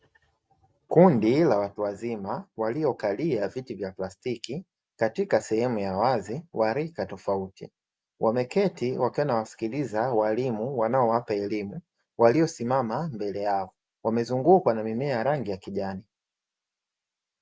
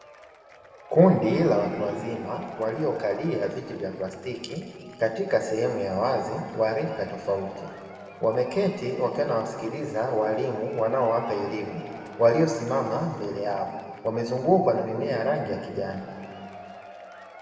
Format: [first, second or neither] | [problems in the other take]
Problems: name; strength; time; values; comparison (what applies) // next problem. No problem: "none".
first | background sound (Applause / Crowd / Cheering); 19 dB below the speech // room echo; dies away in 2.6 s